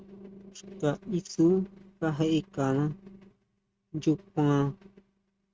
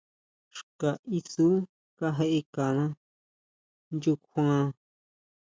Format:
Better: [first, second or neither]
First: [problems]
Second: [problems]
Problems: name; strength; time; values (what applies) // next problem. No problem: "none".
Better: second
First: noise reduction (neural mask model RNNoise)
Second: none